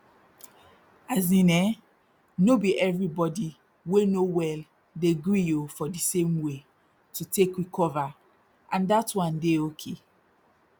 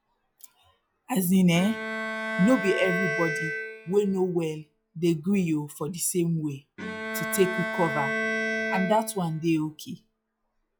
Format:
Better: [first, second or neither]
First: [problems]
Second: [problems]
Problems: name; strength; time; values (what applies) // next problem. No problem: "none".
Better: first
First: none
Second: noise reduction (classical method log-MMSE)